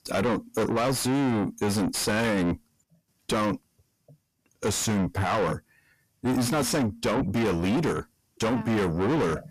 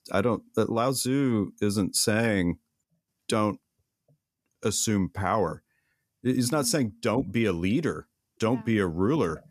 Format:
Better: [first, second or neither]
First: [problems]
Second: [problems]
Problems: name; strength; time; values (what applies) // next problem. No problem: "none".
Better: second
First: distortion; heavy; 5 dB below the speech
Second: none